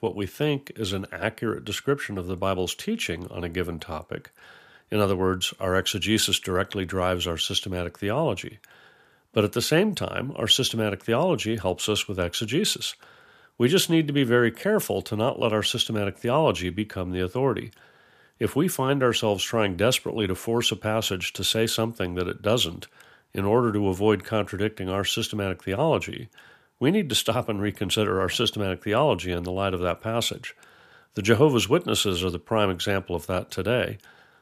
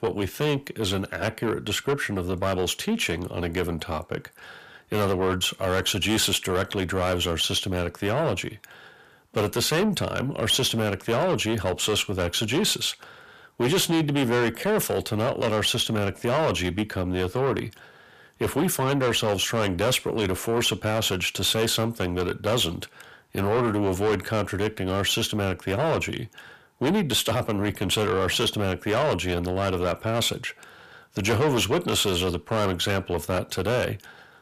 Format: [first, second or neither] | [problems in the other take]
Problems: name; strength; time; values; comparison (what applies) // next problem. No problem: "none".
first | distortion; heavy; 7 dB below the speech